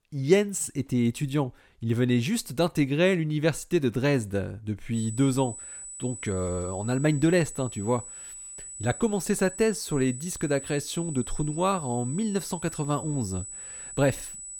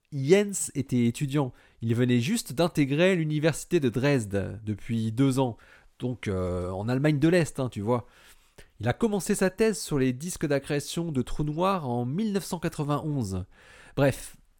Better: second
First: high-pitched whine; noticeable; from 5 s on; 8 kHz, 10 dB below the speech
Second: none

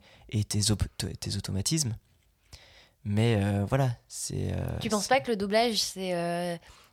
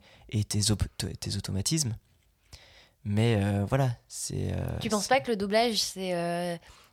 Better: neither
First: none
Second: none

